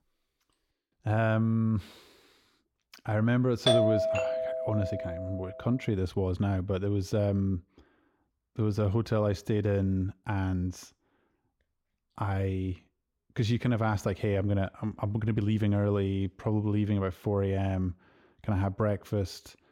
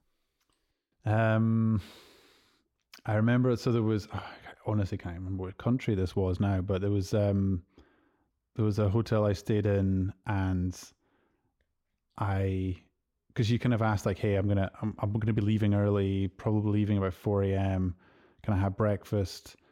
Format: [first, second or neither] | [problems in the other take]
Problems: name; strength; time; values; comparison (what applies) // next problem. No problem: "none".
second | doorbell; loud; from 3.5 to 5.5 s; peak 5 dB above the speech